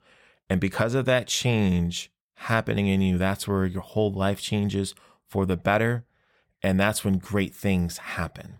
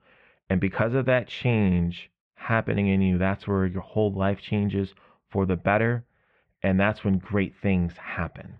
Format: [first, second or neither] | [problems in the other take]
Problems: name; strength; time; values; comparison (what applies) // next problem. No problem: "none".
first | muffled; very; fading above 2.5 kHz